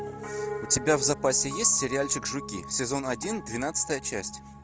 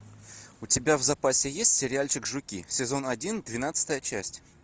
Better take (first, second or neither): second